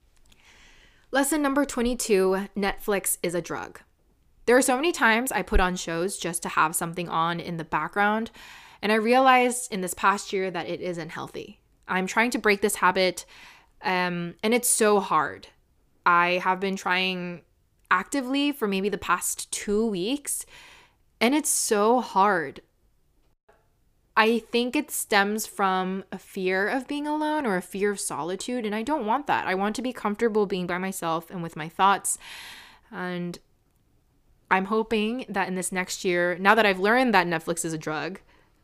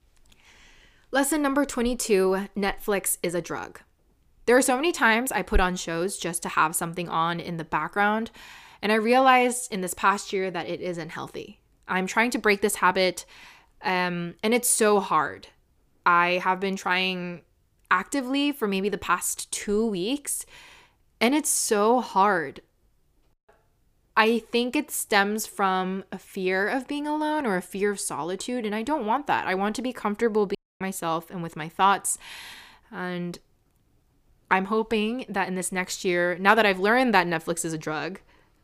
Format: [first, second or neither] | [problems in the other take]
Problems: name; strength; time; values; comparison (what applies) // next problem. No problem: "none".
first | audio cutting out; at 31 s